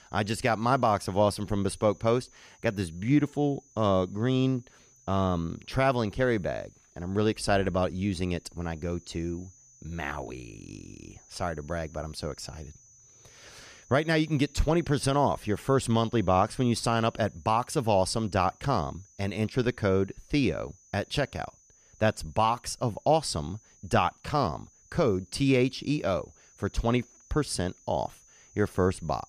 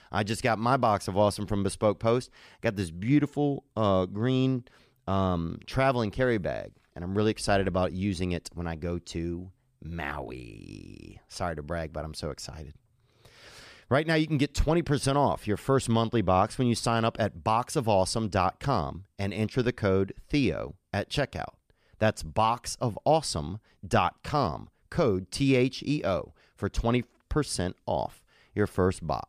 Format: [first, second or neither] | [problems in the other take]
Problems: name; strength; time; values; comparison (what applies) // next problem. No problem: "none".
second | high-pitched whine; faint; throughout; 6 kHz, 30 dB below the speech